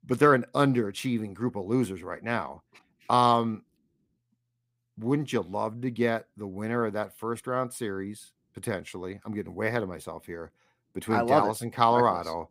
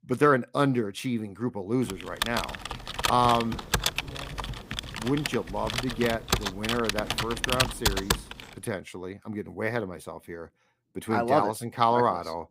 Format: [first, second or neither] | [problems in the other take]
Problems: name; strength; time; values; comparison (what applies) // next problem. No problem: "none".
first | keyboard typing; loud; from 2 to 8.5 s; peak 3 dB above the speech